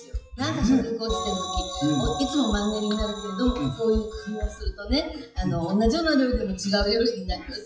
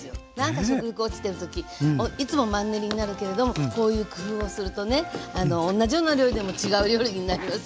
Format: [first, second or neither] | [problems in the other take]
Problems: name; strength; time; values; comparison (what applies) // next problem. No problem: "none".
second | noise reduction (classical method WPE with log-MMSE)